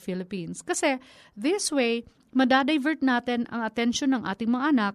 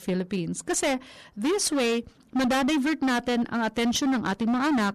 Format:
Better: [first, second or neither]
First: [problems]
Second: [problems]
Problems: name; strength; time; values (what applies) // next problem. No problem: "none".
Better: first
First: none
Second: distortion; heavy; 24% of the sound clipped